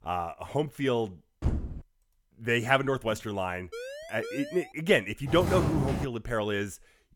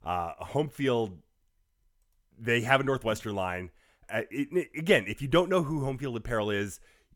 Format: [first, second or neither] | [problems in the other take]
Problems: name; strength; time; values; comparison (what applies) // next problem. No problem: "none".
second | door banging; noticeable; at 1.5 s; peak 3 dB below the speech // siren; faint; at 3.5 s; peak 10 dB below the speech // footsteps; loud; at 5.5 s; peak 1 dB above the speech